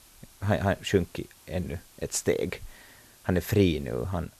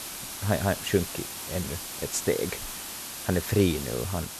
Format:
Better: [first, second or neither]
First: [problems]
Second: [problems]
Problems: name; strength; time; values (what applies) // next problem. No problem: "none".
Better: first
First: hiss; faint; throughout; 25 dB below the speech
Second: hiss; loud; throughout; 6 dB below the speech